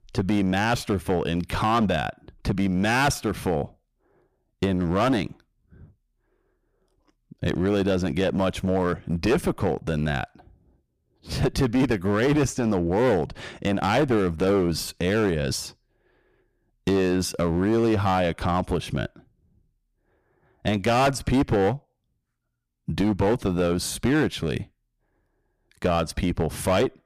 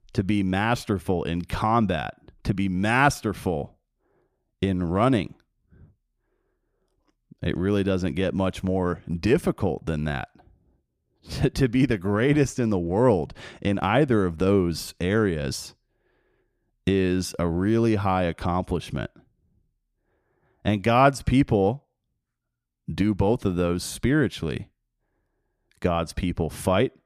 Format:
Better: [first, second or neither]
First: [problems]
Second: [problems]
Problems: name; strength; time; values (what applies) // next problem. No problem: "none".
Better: second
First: distortion; heavy; 10% of the sound clipped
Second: none